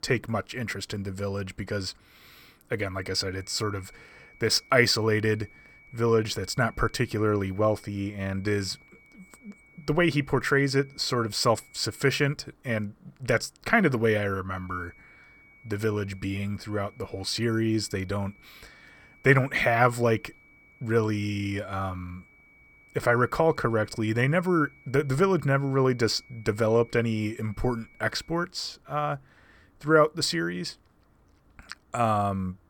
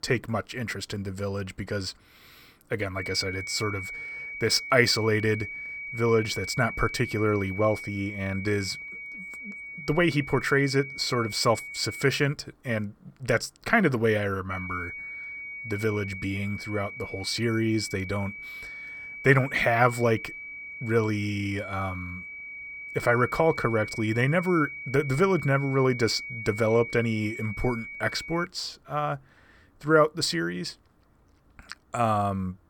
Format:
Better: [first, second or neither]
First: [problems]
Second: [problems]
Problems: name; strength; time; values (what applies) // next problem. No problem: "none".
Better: first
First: high-pitched whine; faint; from 3 to 12 s and from 15 to 28 s; 2.5 kHz, 30 dB below the speech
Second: high-pitched whine; loud; from 3 to 12 s and from 15 to 28 s; 2.5 kHz, 10 dB below the speech